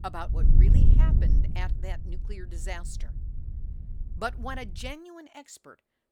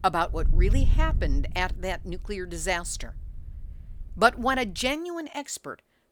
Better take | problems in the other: second | wind noise on the microphone; heavy; until 5 s; 2 dB below the speech; occasional gusts in the second

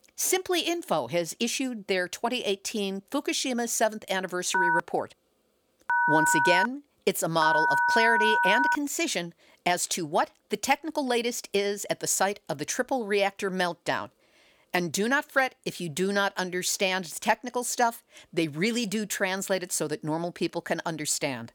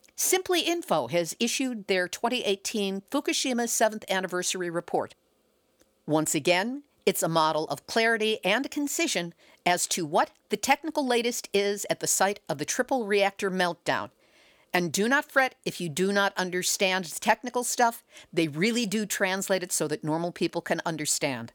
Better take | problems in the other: second | phone ringing; loud; from 4.5 to 9 s; peak 5 dB above the speech

